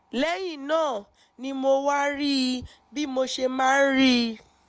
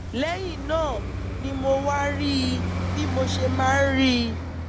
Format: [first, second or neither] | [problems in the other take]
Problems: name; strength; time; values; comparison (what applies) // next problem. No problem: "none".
first | background sound (Traffic noise, roadway noise); 3 dB below the speech